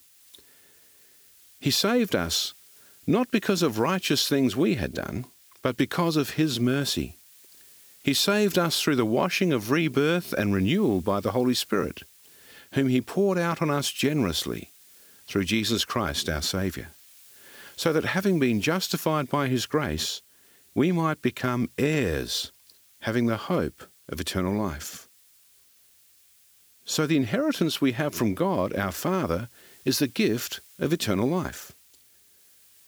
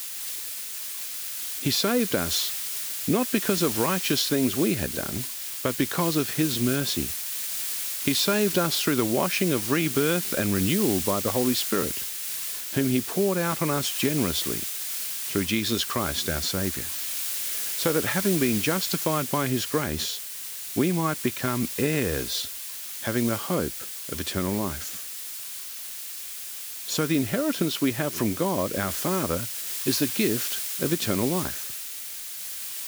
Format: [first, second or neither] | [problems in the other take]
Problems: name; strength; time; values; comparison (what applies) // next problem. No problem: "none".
first | hiss; loud; throughout; 3 dB below the speech; faint in the first